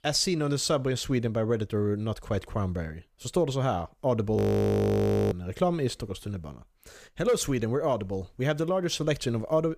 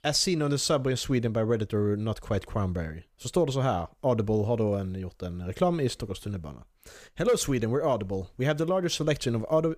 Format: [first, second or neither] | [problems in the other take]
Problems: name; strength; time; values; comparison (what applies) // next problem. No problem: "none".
second | audio freezing; at 4.5 s for 1 s